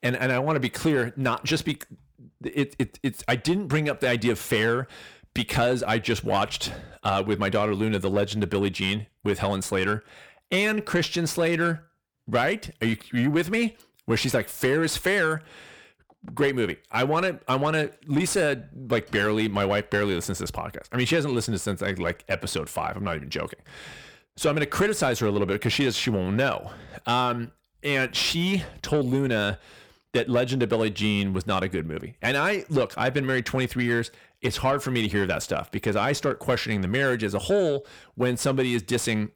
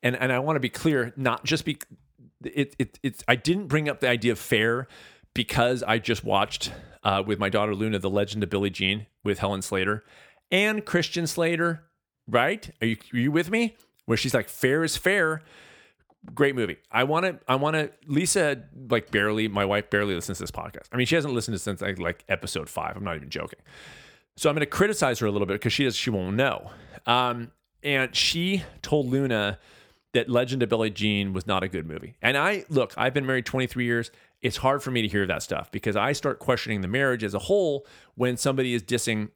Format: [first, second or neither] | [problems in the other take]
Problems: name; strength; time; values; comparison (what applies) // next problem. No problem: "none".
second | distortion; slight; 10 dB below the speech